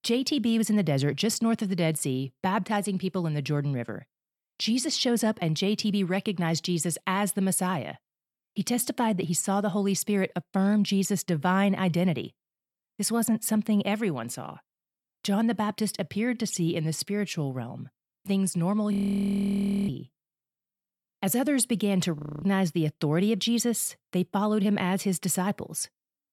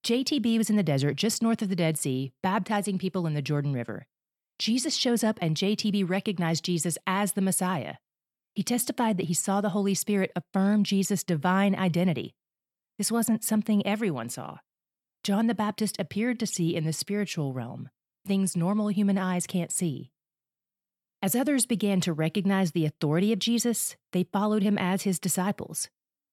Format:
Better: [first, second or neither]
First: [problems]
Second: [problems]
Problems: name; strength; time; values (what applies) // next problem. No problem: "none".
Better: second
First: audio freezing; at 19 s for 1 s and at 22 s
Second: none